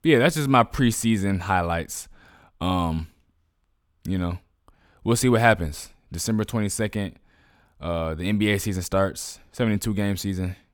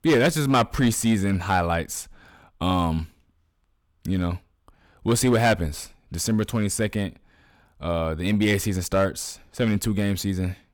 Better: first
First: none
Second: distortion; slight; 3% of the sound clipped

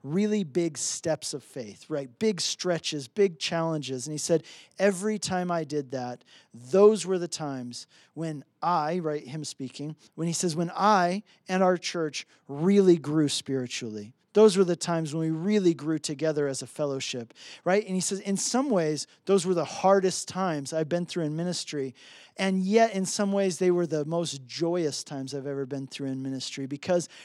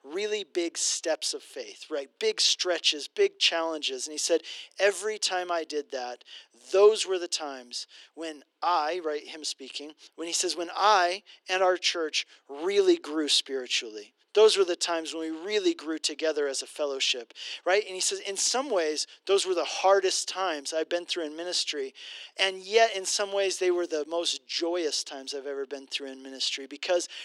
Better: first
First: none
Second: thin; very; fading below 350 Hz

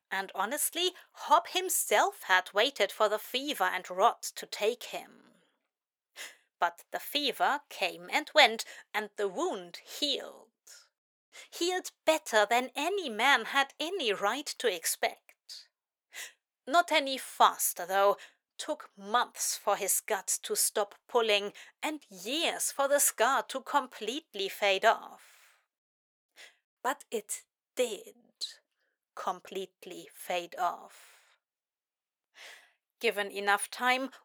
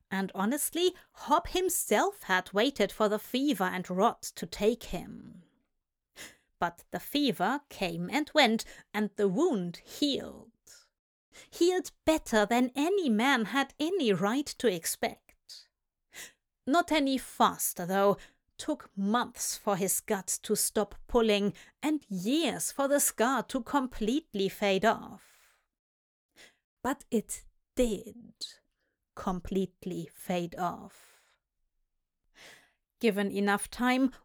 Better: second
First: thin; very; fading below 650 Hz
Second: none

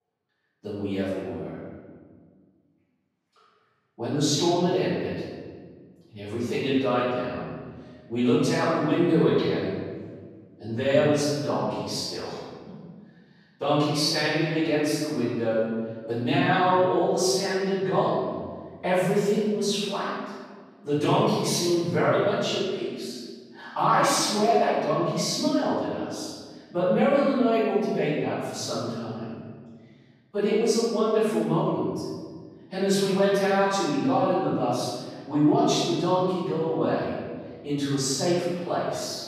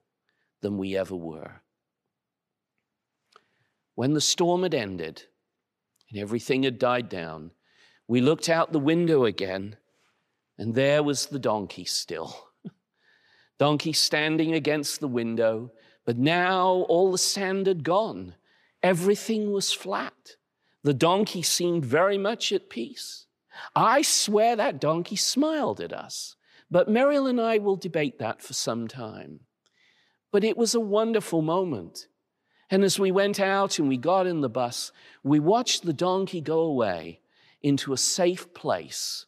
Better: second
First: off-mic speech; far // room echo; strong; dies away in 1.6 s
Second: none

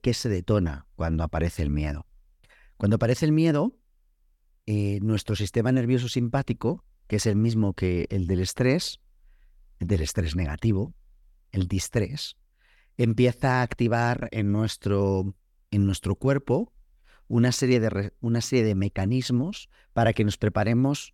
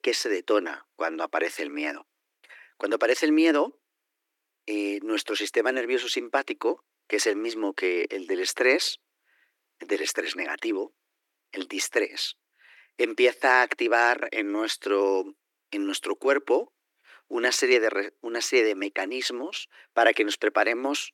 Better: first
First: none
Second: thin; very; fading below 300 Hz

